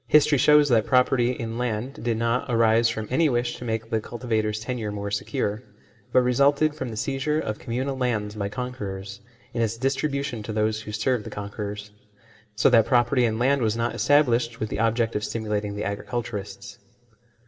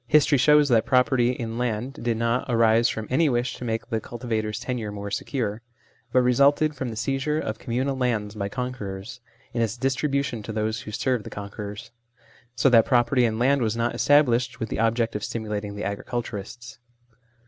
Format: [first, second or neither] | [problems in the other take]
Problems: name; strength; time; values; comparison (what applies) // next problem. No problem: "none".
second | room echo; dies away in 0.7 s